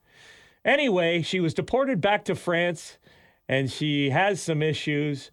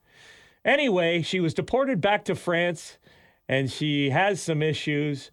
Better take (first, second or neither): neither